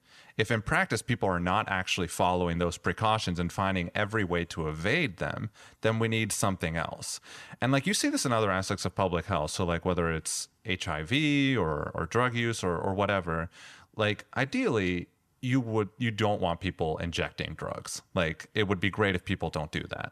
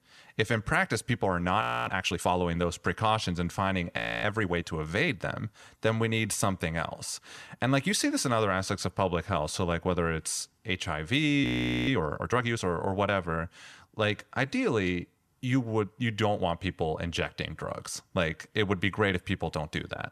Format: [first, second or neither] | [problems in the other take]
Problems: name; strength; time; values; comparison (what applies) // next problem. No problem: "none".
first | audio freezing; at 1.5 s, at 4 s and at 11 s